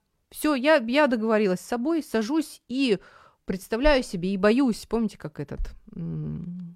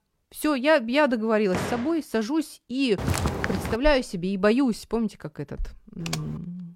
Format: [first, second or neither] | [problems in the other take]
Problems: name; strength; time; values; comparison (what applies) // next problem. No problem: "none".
first | door banging; noticeable; at 1.5 s; peak 6 dB below the speech // footsteps; noticeable; at 3 s; peak 1 dB below the speech // keyboard typing; noticeable; at 6 s; peak 10 dB below the speech